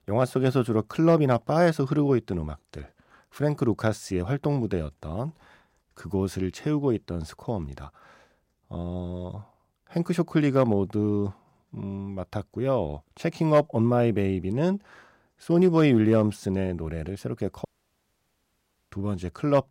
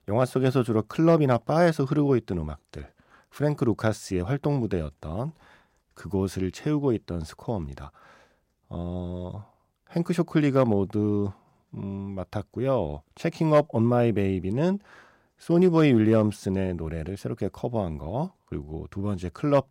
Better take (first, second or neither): second